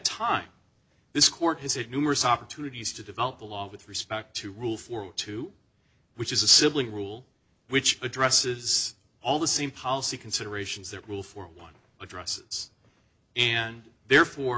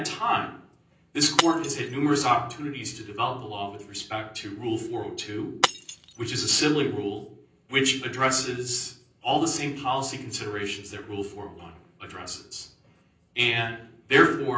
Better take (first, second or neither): first